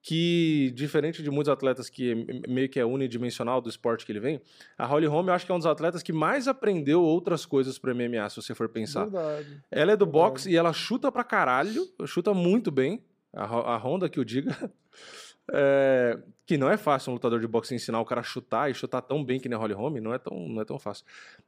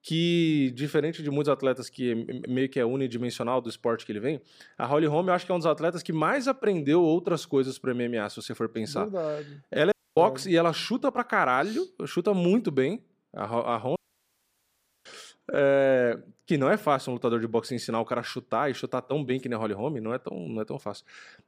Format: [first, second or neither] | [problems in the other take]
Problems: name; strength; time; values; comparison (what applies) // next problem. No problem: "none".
first | audio cutting out; at 10 s and at 14 s for 1 s